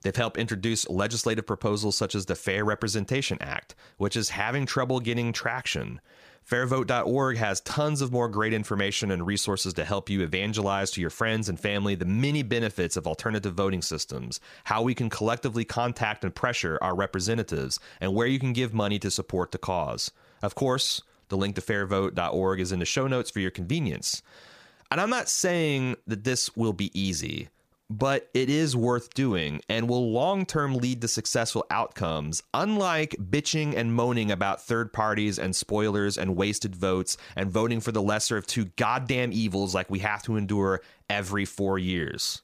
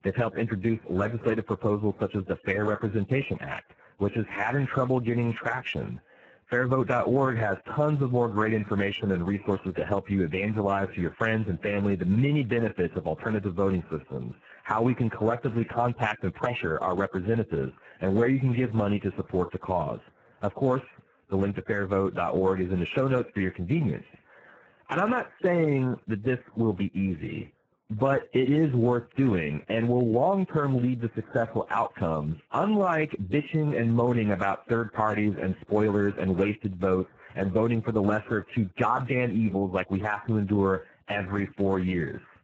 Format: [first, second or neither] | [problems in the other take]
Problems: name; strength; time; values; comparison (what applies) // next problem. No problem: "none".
first | garbled, watery; badly; nothing above 7.5 kHz